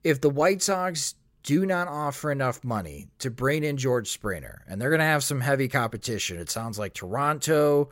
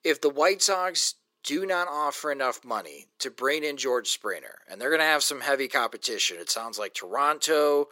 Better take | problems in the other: first | thin; somewhat; fading below 300 Hz

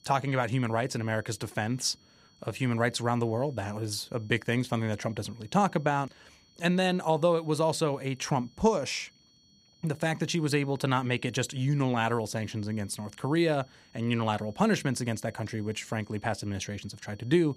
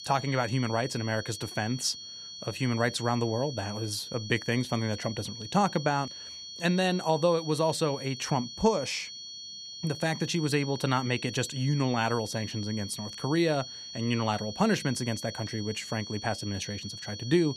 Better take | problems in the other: first | high-pitched whine; loud; throughout; 4.5 kHz, 10 dB below the speech; faint in the first

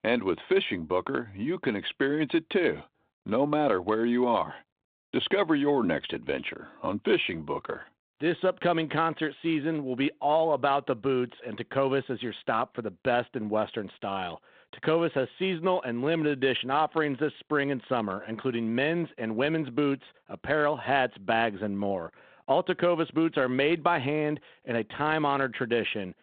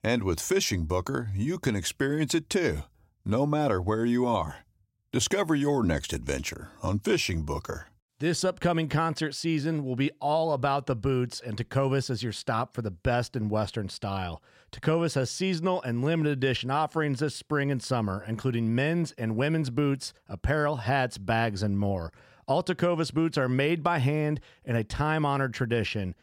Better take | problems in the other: second | phone-call audio; nothing above 3.5 kHz

